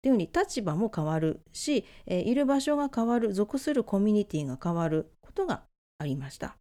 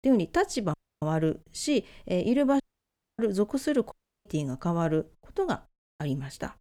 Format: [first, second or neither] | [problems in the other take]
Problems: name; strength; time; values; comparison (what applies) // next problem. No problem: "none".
first | audio cutting out; at 0.5 s, at 2.5 s for 0.5 s and at 4 s